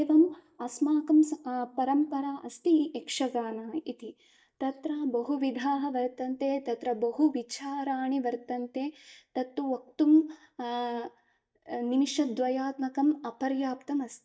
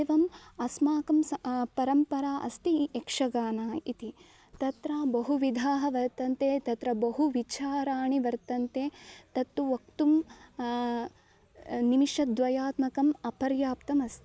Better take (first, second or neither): second